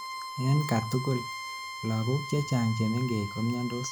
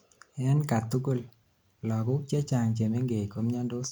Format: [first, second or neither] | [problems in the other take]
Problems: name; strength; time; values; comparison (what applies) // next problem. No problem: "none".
second | background sound (Bowed string instrument); 9 dB below the speech